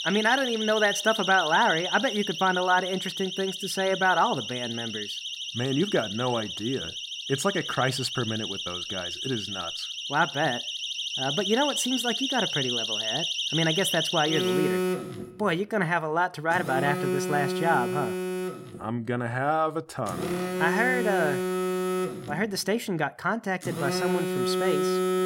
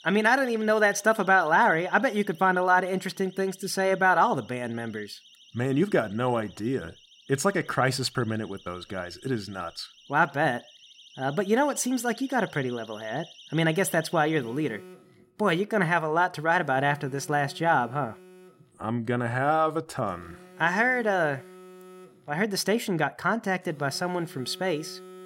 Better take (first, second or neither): second